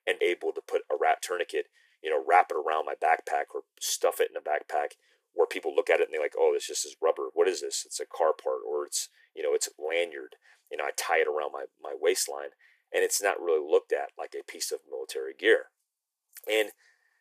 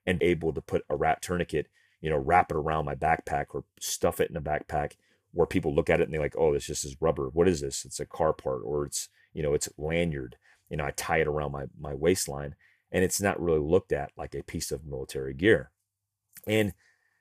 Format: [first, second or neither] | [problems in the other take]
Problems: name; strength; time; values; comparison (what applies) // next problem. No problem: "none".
second | thin; very; fading below 400 Hz